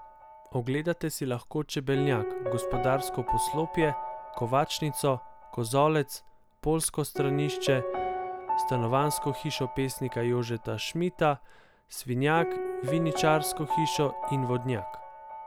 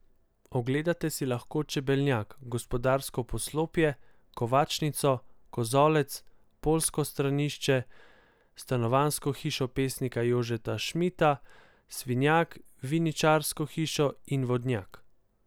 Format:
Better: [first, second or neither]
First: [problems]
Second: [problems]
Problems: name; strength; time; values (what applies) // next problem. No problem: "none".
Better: second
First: background sound (Piano); 6 dB below the speech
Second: none